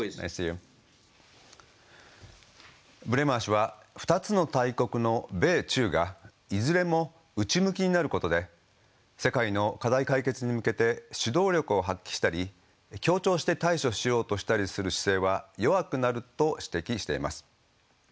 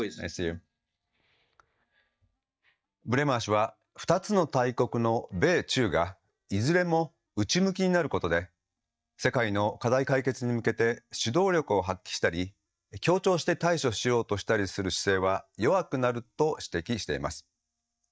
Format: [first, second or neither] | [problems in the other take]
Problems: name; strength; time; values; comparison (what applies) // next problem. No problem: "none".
first | noise reduction (neural mask model DeepFilterNet 3)